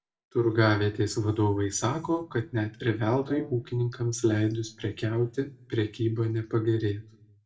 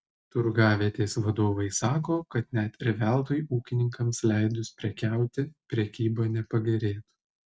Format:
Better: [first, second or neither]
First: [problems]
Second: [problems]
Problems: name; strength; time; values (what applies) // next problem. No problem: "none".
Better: second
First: background sound (Brass instrument); 15 dB below the speech // room echo; dies away in 0.3 s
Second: none